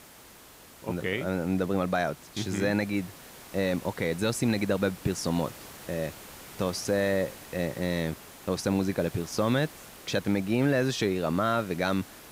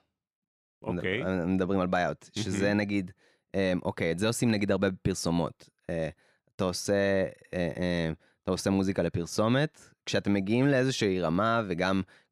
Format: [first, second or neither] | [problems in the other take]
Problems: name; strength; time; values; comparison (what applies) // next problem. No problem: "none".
second | hiss; noticeable; throughout; 15 dB below the speech